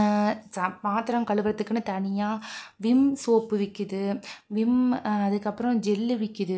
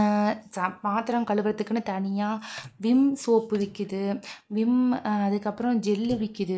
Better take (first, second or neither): first